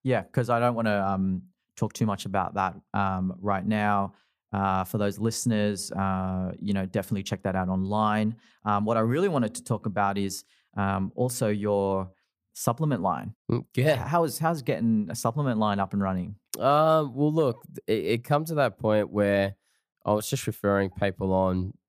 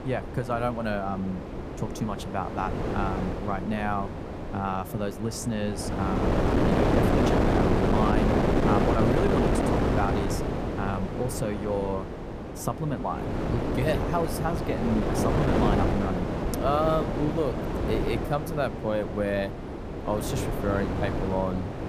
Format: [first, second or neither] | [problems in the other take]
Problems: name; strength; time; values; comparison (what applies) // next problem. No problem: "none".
first | wind noise on the microphone; heavy; as loud as the speech